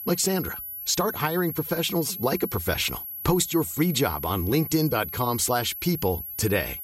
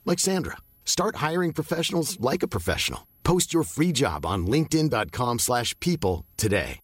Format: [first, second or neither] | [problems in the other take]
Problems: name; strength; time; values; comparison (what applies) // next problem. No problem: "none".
second | high-pitched whine; loud; throughout; 11.5 kHz, 8 dB below the speech; faint in the second